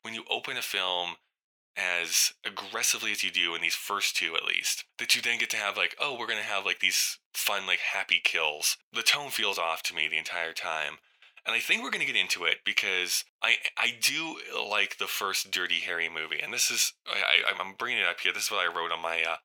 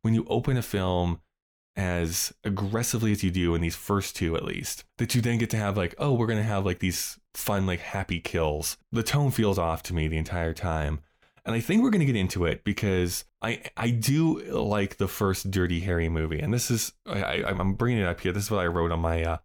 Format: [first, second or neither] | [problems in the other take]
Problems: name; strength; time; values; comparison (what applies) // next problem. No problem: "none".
second | thin; very; fading below 800 Hz